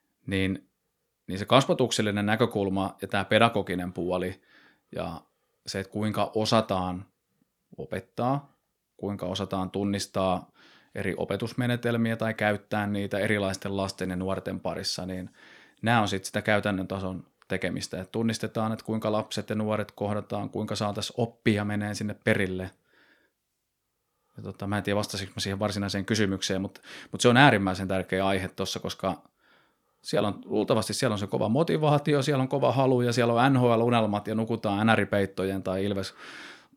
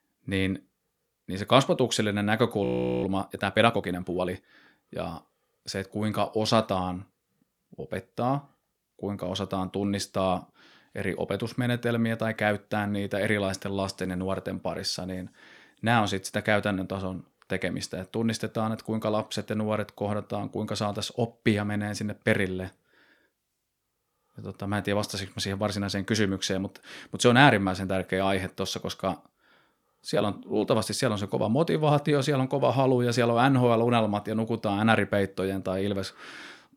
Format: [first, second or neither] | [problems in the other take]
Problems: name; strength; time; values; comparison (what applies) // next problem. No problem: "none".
first | audio freezing; at 2.5 s